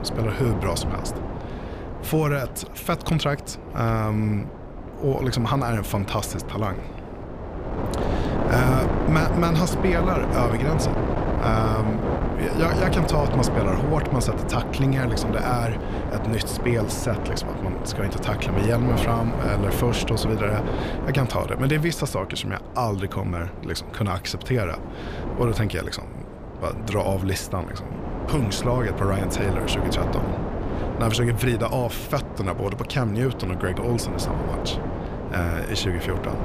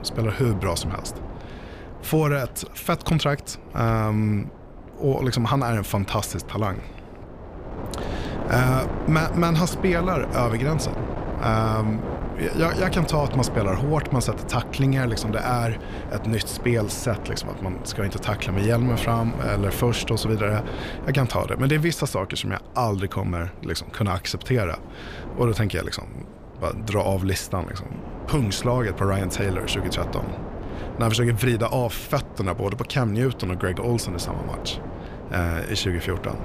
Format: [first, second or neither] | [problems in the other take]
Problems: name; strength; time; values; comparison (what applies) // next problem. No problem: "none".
second | wind noise on the microphone; heavy; 4 dB below the speech; occasional gusts in the second